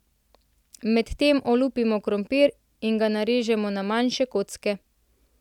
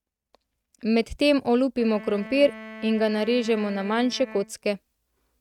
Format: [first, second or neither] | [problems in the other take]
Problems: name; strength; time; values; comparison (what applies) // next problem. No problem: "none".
first | noise reduction (neural mask model RNNoise)